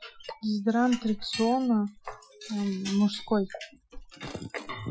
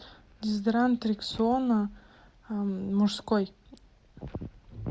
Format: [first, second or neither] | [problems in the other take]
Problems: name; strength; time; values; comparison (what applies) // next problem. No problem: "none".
second | noise reduction (classical method Wiener filter)